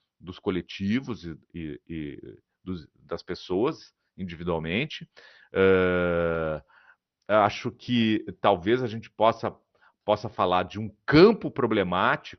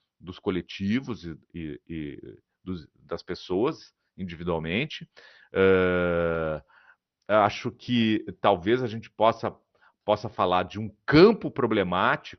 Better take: neither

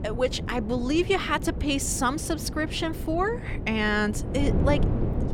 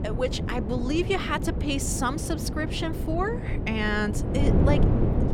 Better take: first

